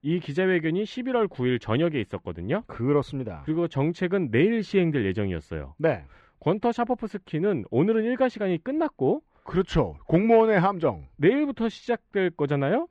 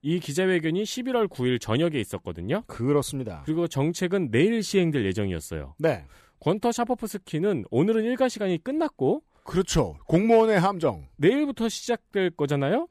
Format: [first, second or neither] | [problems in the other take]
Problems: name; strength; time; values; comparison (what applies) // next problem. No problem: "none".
second | muffled; slightly; fading above 2.5 kHz